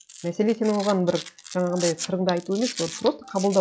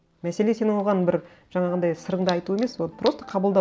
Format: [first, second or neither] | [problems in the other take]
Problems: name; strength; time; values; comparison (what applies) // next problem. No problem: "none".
second | noise reduction (classical method log-MMSE)